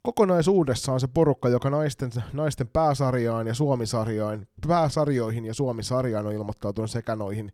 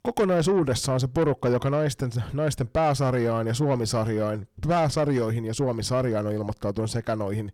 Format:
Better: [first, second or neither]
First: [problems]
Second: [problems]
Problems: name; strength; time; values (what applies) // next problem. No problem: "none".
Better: first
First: none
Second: distortion; slight; 10 dB below the speech